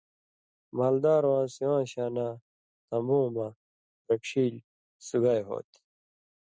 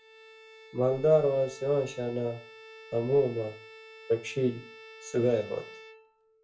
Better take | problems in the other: first | background sound (Bowed string instrument); 19 dB below the speech // room echo; dies away in 0.3 s

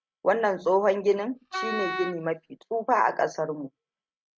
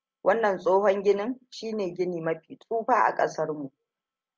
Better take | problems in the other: second | noise reduction (neural mask model RNNoise)

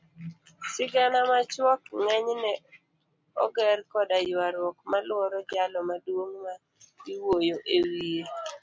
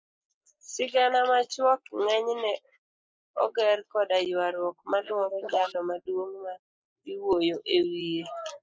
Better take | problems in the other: first | noise reduction (neural mask model Resemble Enhance denoiser)

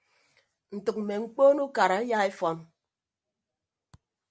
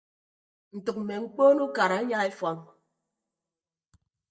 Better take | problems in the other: first | noise reduction (neural mask model DeepFilterNet 3)

